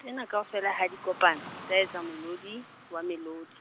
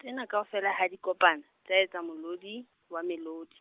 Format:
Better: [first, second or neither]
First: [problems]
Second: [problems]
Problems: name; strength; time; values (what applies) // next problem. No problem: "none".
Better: second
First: background sound (Car passing by / Traffic noise, roadway noise); 16 dB below the speech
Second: none